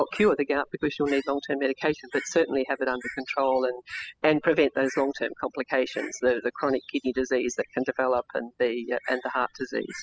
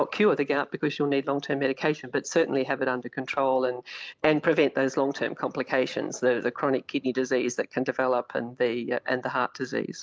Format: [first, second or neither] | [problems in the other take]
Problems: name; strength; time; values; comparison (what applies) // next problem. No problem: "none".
second | noise reduction (classical method spectral subtraction)